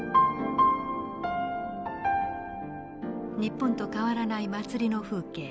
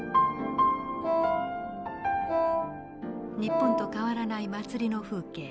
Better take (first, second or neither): first